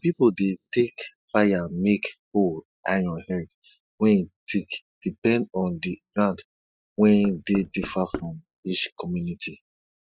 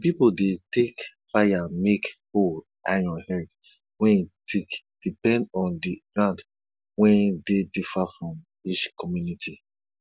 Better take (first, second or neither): second